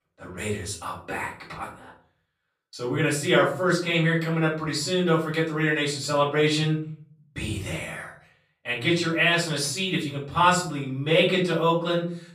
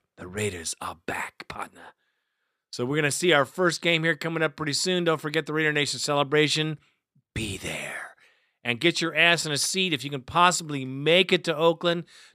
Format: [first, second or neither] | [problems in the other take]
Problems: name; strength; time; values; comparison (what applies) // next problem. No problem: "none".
second | off-mic speech; far // room echo; slight; dies away in 0.5 s